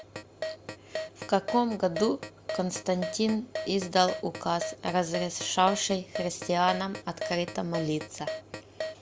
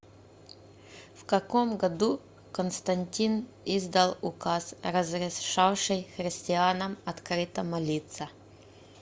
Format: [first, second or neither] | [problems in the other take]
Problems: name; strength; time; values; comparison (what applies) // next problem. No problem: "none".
second | background sound (Keyboard (musical)); 9 dB below the speech